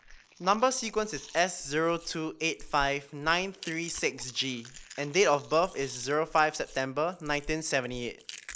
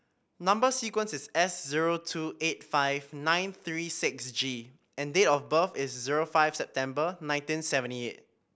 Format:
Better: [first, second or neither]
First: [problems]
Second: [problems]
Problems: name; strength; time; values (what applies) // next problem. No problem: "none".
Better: second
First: noise reduction (neural mask model Resemble Enhance denoiser)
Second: none